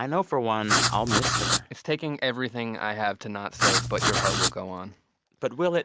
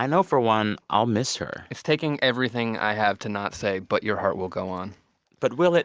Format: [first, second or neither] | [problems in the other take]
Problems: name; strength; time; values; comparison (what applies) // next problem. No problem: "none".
second | background sound (Writing); 4 dB above the speech